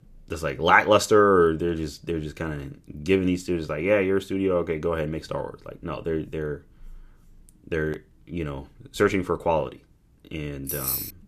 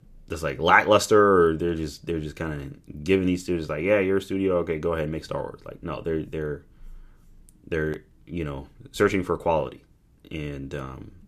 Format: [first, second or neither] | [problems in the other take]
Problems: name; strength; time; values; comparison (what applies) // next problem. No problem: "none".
second | jangling keys; noticeable; at 11 s; peak 2 dB below the speech